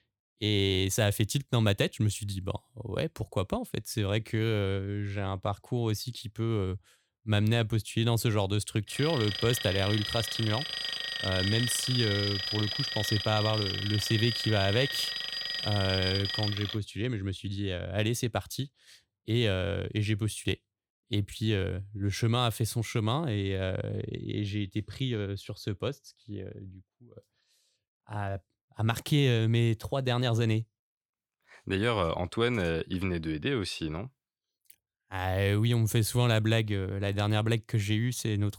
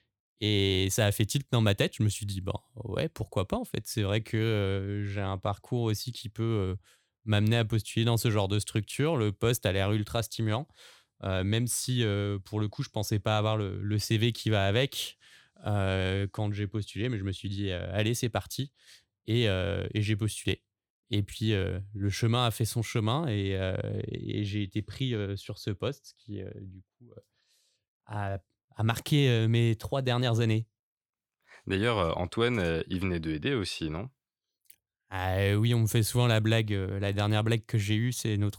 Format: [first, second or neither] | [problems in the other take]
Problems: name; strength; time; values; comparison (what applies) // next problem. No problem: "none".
second | alarm; noticeable; from 9 to 17 s; peak level with the speech